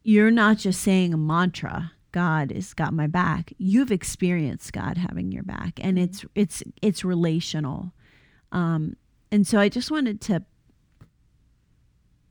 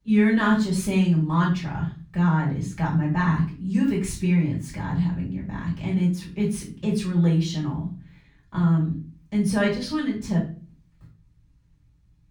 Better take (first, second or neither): first